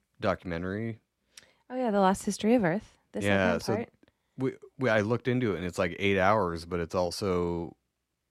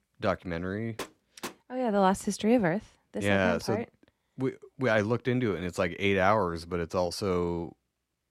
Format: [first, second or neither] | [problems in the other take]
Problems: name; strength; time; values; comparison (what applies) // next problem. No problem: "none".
first | door banging; faint; at 1 s; peak 15 dB below the speech